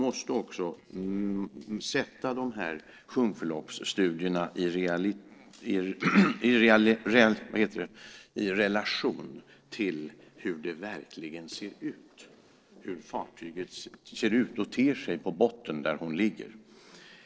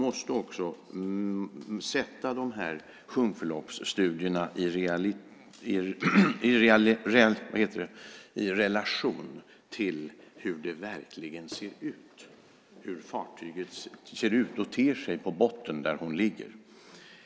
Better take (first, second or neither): second